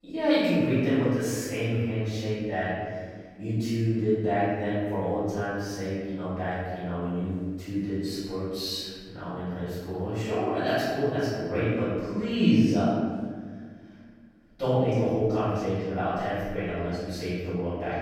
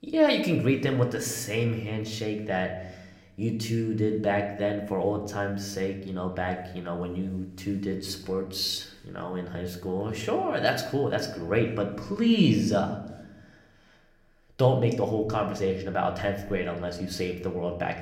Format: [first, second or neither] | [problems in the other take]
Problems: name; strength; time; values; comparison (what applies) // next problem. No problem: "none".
second | room echo; strong; dies away in 1.8 s; slight in the second // off-mic speech; far